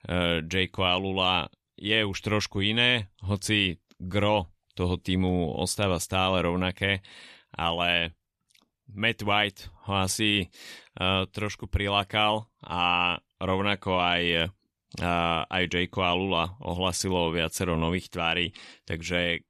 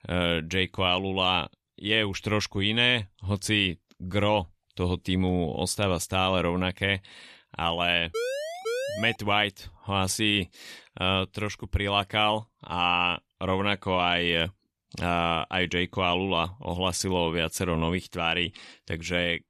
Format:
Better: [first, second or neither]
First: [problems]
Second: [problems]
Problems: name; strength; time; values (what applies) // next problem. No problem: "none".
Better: first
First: none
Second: siren; noticeable; from 8 to 9 s; peak 4 dB below the speech